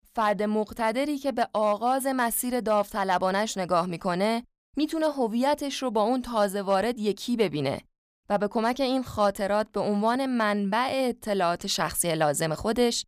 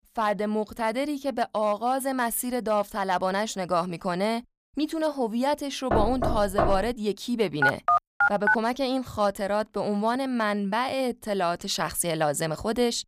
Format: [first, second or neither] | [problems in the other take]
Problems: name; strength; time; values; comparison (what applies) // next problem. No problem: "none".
first | door banging; loud; from 6 to 7 s; peak level with the speech // phone ringing; loud; at 7.5 s; peak 5 dB above the speech